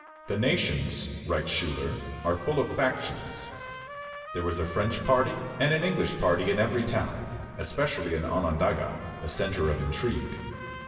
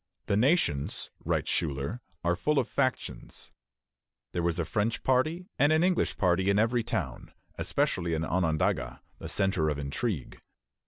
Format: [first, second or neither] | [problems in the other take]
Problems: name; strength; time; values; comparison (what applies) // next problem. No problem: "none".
second | background sound (Trumpet); 15 dB below the speech // room echo; dies away in 2.6 s